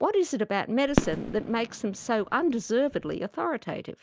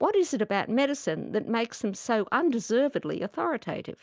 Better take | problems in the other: second | background sound (Fireworks); 6 dB below the speech

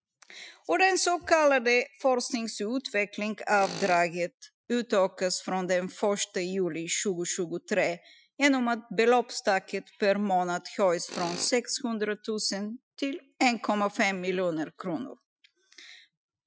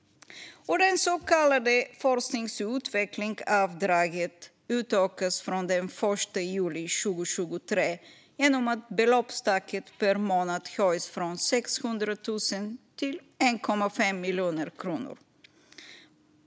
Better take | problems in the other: second | noise reduction (classical method Wiener filter)

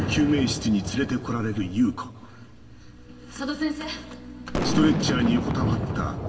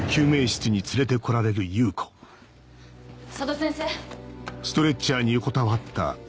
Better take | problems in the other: second | background sound (Boom); 4 dB below the speech // room echo; dies away in 3 s

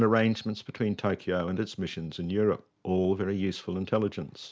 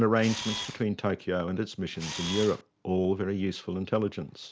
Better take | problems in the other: first | background sound (Camera); 8 dB below the speech

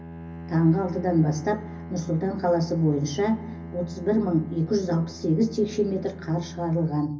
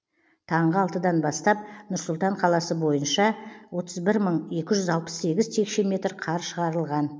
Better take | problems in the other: second | background sound (Bowed string instrument); 13 dB below the speech // room echo; dies away in 0.4 s

